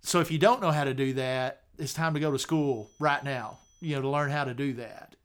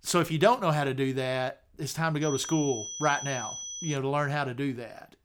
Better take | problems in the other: first | high-pitched whine; loud; from 2 to 4 s; 6 kHz, 8 dB below the speech; faint in the first

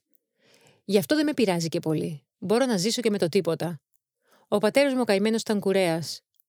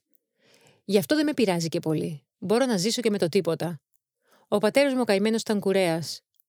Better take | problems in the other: neither | none

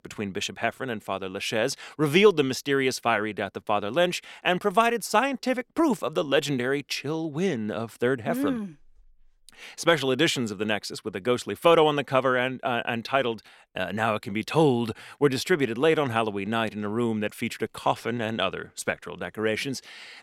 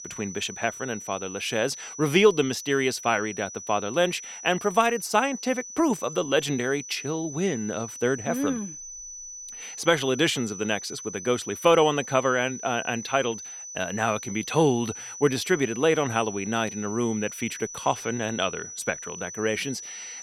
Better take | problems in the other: first | high-pitched whine; noticeable; throughout; 6 kHz, 10 dB below the speech

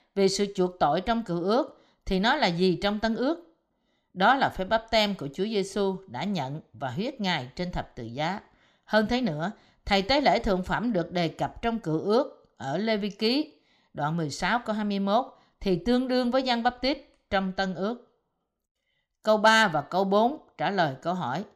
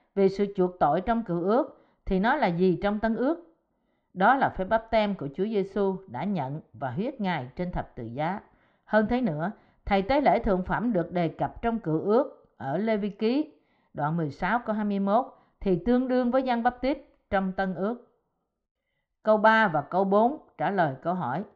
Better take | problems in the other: first | muffled; very; fading above 1.5 kHz

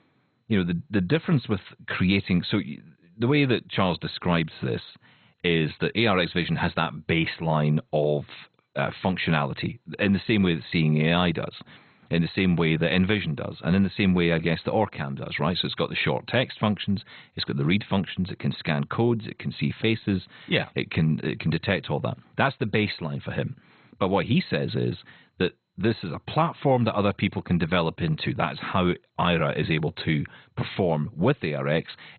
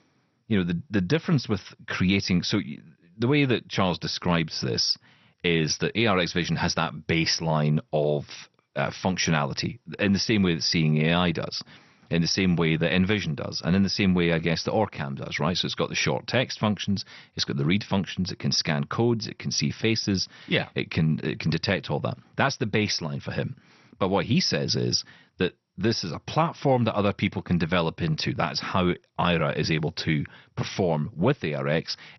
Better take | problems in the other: second | garbled, watery; badly; nothing above 4 kHz; slightly in the second

